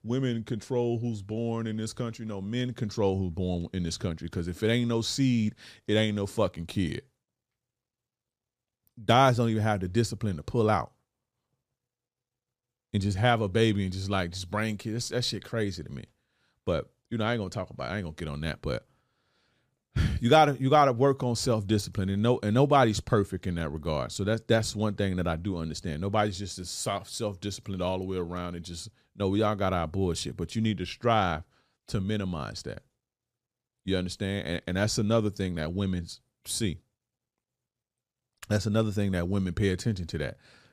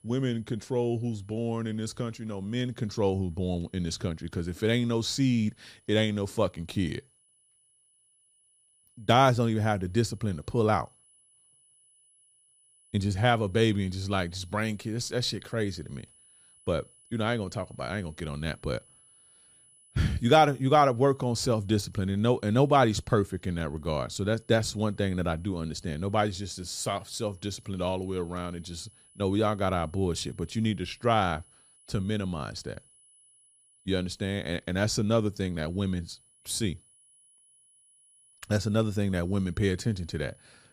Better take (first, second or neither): first